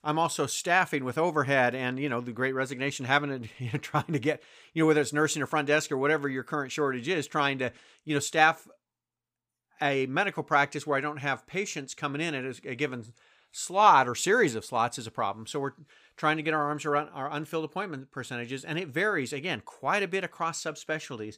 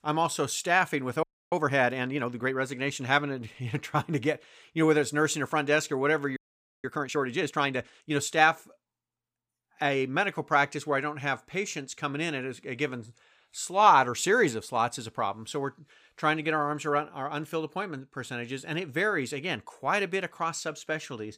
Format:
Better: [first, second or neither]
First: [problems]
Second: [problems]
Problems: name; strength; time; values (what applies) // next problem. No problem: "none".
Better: first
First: none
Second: audio freezing; at 1 s and at 6.5 s